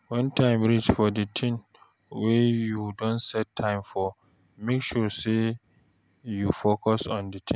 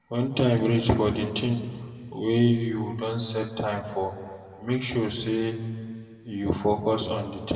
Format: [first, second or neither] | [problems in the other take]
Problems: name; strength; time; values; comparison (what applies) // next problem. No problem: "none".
first | room echo; dies away in 1.7 s